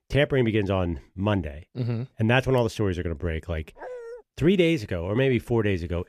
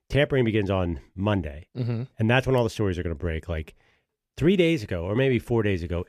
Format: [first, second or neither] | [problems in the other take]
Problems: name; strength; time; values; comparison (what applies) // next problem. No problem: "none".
second | dog barking; faint; at 4 s; peak 15 dB below the speech